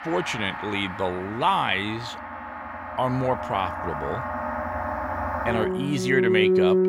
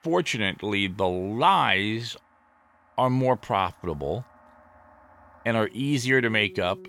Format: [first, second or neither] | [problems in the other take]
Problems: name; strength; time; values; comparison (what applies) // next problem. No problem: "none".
second | background music; loud; throughout; 1 dB below the speech; faint in the second